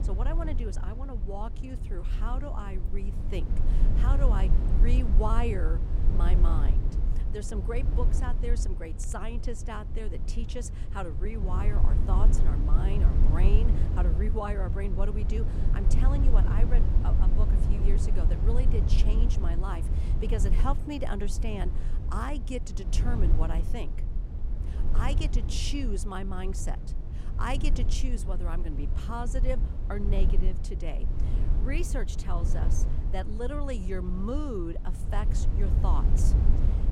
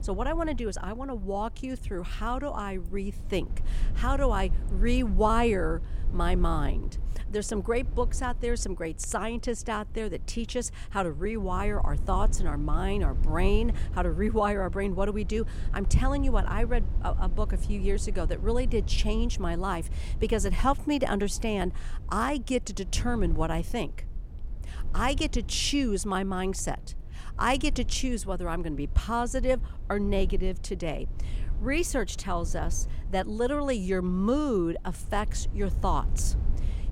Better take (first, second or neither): second